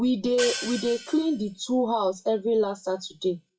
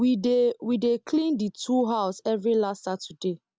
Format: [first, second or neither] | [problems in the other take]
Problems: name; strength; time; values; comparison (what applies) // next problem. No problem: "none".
second | noise reduction (classical method WPE with log-MMSE)